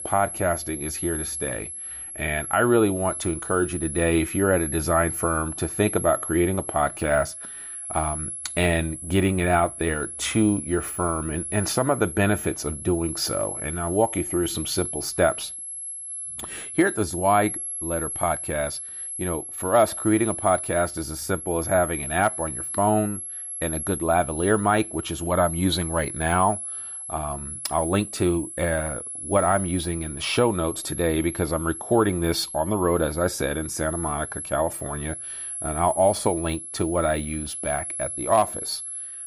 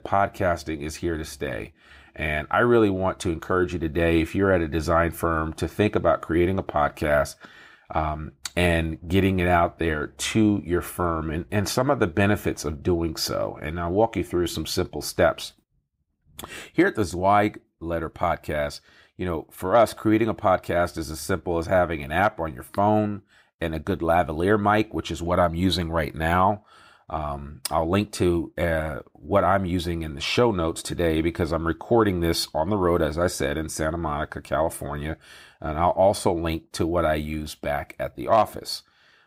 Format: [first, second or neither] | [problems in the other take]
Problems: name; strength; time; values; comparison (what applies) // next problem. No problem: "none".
second | high-pitched whine; loud; throughout; 11 kHz, 7 dB below the speech